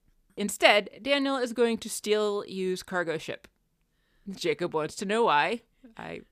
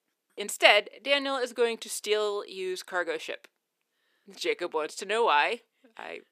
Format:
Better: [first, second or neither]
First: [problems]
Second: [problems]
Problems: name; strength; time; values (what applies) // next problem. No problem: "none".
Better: first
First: none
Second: thin; somewhat; fading below 350 Hz